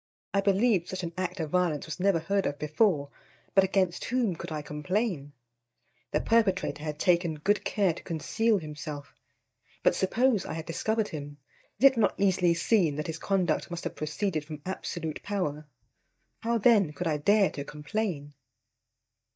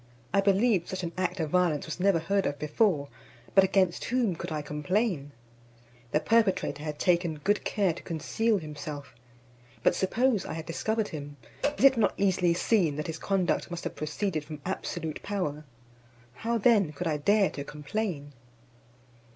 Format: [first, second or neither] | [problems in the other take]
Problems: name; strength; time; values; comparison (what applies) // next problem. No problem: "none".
second | noise reduction (neural mask model DeepFilterNet 3)